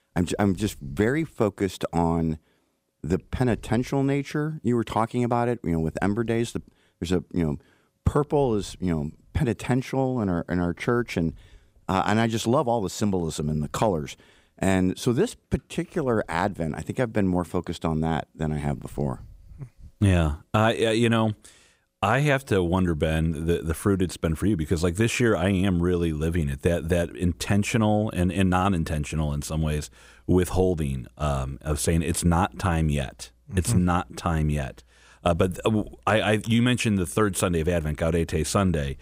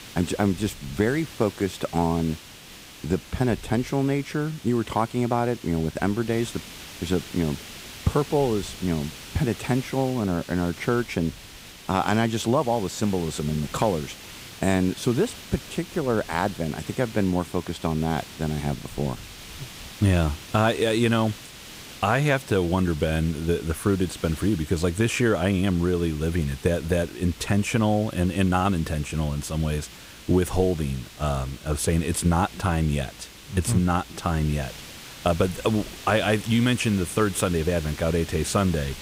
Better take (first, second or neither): first